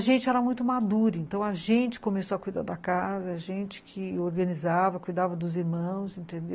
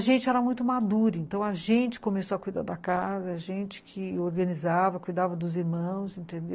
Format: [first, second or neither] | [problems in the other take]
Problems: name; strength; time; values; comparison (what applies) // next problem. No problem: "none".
first | noise reduction (neural separator model SepFormer DNS4)